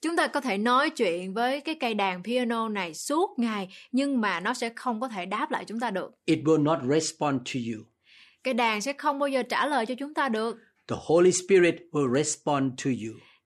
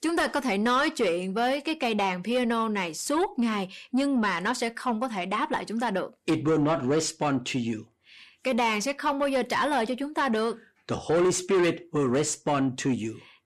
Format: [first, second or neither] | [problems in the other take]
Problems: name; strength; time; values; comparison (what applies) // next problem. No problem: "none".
first | distortion; slight; 10 dB below the speech